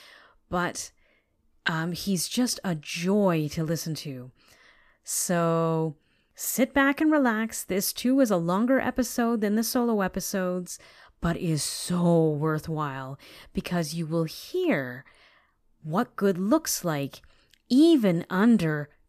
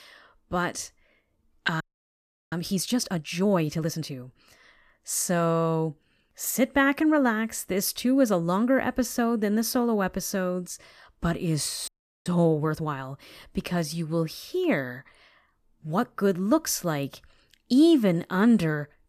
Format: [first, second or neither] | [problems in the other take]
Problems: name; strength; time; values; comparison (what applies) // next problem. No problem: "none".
first | audio freezing; at 2 s for 0.5 s and at 12 s